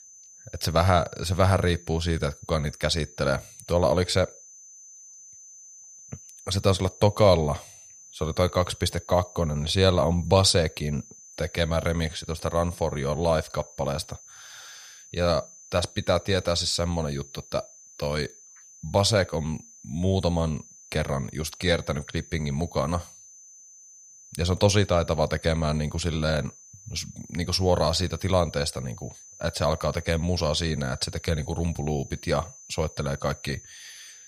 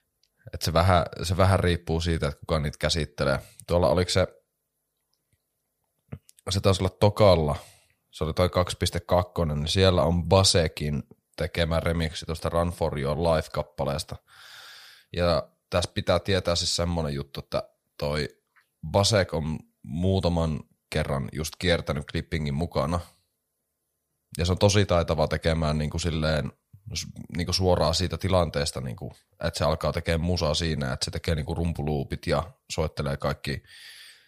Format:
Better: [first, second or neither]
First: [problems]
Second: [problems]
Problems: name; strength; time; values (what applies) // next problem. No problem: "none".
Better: second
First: high-pitched whine; noticeable; throughout; 6 kHz, 20 dB below the speech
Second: none